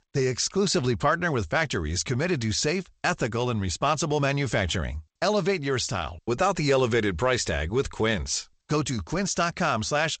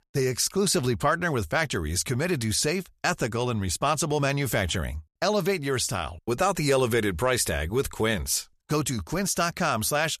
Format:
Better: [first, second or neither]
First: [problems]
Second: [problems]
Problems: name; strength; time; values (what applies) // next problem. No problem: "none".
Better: second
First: garbled, watery; slightly; nothing above 8 kHz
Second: none